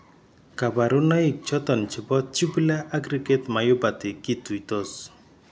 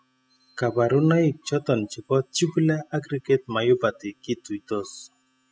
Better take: first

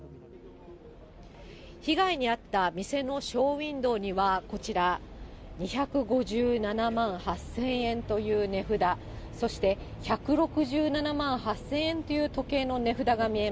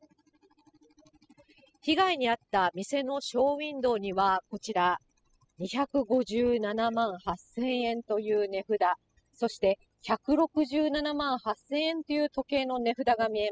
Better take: first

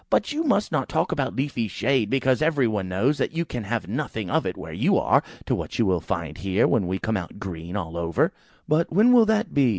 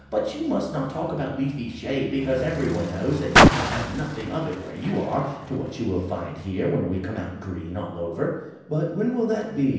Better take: first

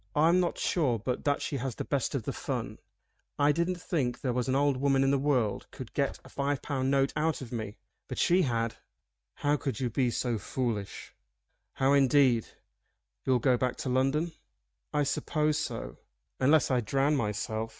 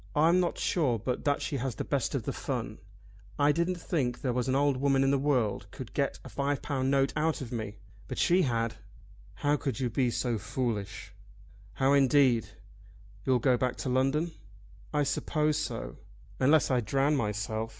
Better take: second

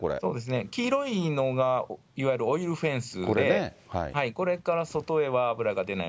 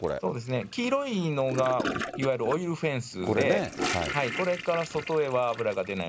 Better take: first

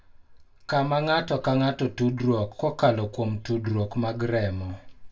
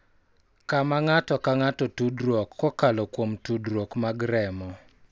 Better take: second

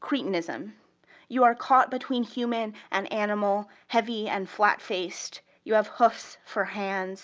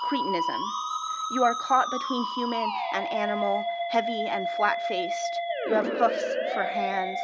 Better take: first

